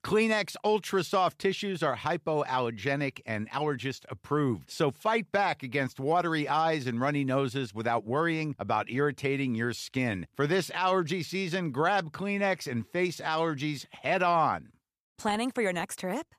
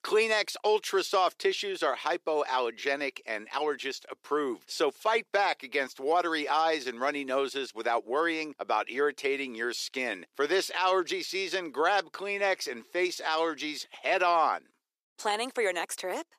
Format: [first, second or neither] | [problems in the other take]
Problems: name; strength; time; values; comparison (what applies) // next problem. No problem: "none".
first | thin; somewhat; fading below 350 Hz